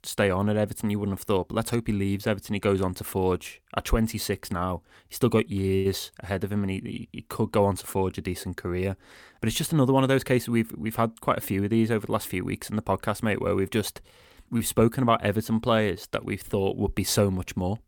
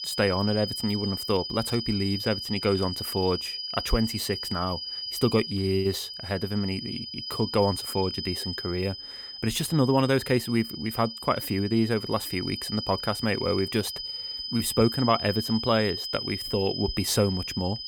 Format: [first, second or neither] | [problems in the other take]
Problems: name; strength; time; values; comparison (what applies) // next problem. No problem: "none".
first | high-pitched whine; loud; throughout; 5 kHz, 5 dB below the speech